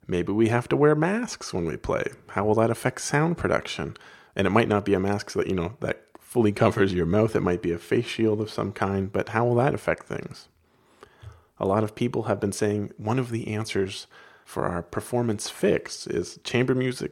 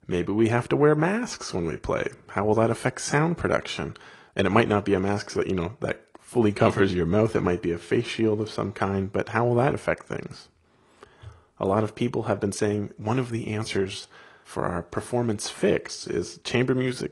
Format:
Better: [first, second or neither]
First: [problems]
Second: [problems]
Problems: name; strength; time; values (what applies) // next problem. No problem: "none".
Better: first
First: none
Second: garbled, watery; slightly; nothing above 10.5 kHz